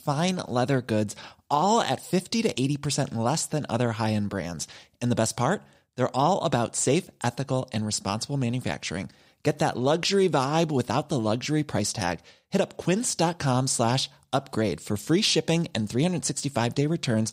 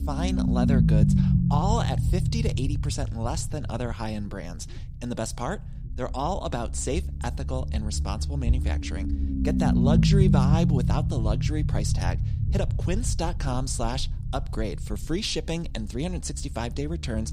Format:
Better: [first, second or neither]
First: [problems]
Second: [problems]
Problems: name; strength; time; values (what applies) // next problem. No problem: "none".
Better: first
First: none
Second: low rumble; loud; throughout; 2 dB below the speech